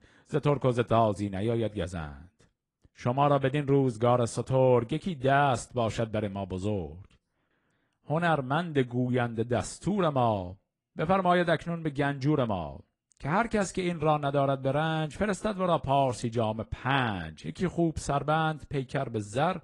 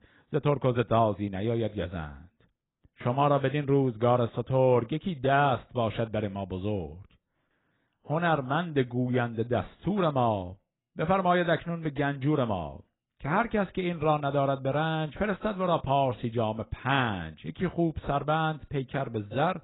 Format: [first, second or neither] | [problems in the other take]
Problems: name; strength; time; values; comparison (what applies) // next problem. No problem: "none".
first | garbled, watery; badly; nothing above 4 kHz; slightly in the first